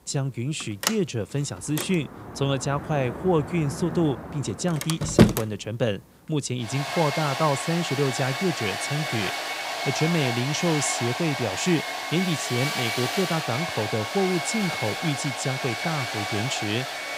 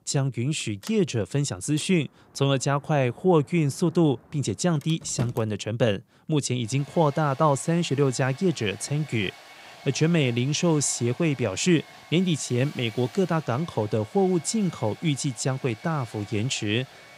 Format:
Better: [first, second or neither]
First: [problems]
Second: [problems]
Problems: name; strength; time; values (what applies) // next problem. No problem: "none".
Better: second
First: household noises; loud; throughout; 1 dB below the speech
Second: household noises; faint; throughout; 20 dB below the speech